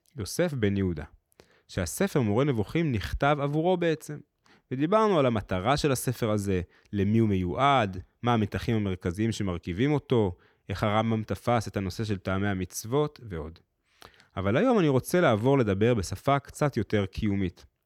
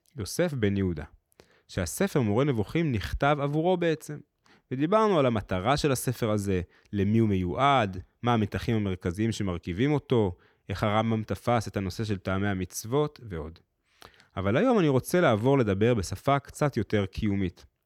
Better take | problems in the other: neither | none

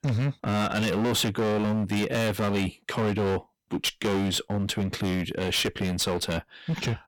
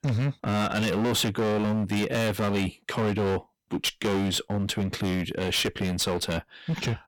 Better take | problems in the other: neither | distortion; heavy; 26% of the sound clipped; the same in both

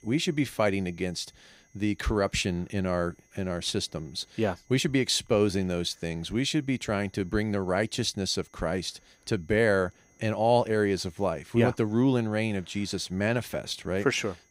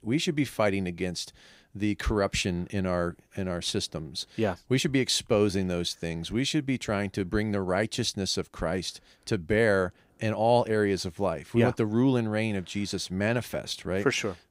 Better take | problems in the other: second | high-pitched whine; faint; throughout; 2 kHz, 35 dB below the speech

